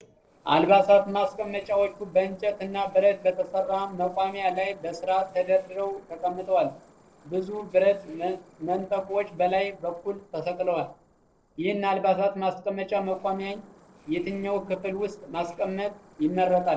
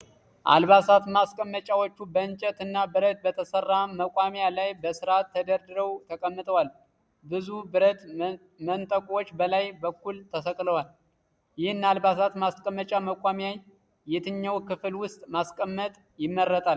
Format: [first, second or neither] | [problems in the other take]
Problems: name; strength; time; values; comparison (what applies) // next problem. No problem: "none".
second | noise reduction (neural separator model SepFormer DNS4)